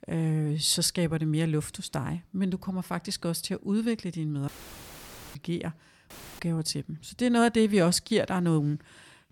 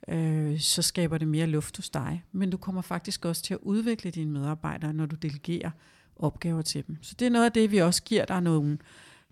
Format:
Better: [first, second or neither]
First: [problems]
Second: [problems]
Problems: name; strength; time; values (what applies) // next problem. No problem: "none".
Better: second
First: audio cutting out; filled with static; at 4.5 s for 1 s and at 6 s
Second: none